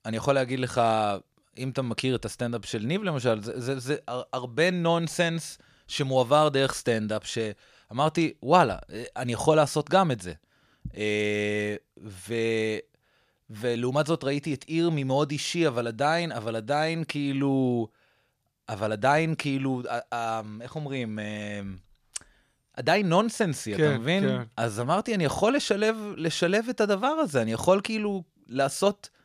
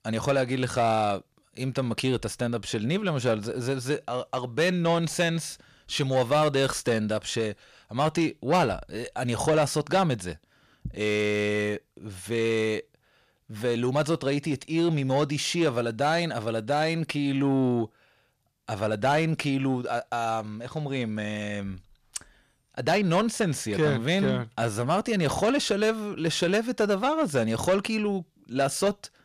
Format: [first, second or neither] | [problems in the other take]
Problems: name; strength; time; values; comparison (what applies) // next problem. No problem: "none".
first | distortion; slight; 10 dB below the speech